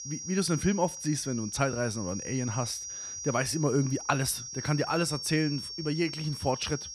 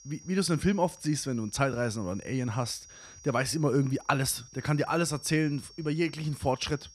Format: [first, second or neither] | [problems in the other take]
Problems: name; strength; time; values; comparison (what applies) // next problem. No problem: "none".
second | high-pitched whine; loud; throughout; 5.5 kHz, 7 dB below the speech; faint in the second